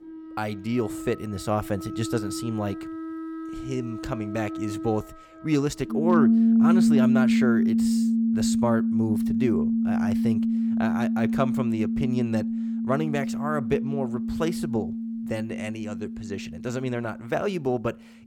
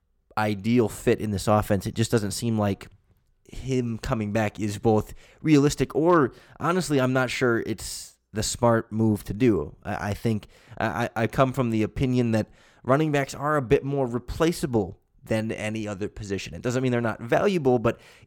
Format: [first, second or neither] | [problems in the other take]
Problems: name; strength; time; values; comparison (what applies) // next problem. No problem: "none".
second | background music; very loud; throughout; 4 dB above the speech